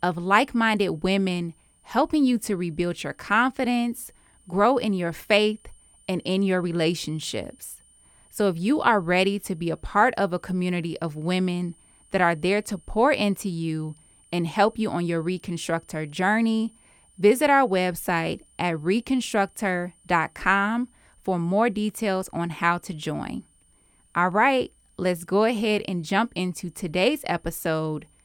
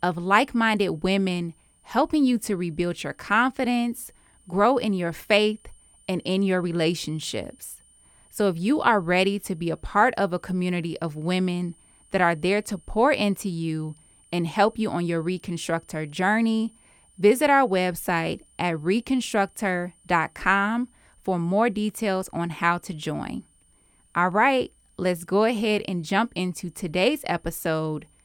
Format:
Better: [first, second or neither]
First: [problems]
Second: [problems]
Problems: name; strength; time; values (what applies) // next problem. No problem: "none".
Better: neither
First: high-pitched whine; faint; throughout; 9 kHz, 30 dB below the speech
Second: high-pitched whine; faint; throughout; 9 kHz, 30 dB below the speech